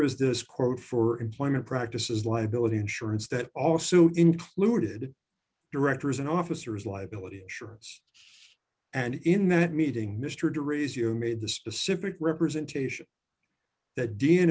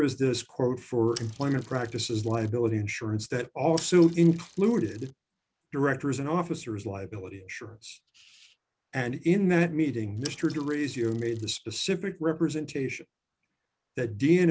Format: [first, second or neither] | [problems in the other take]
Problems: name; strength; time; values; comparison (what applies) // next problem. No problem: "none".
first | background sound (Mechanisms / Bicycle); 19 dB below the speech